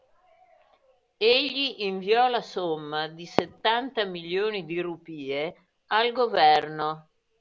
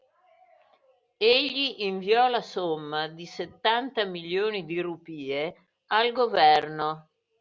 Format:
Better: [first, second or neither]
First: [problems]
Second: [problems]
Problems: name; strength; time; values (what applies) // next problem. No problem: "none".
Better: second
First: background sound (Fireworks); 15 dB below the speech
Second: none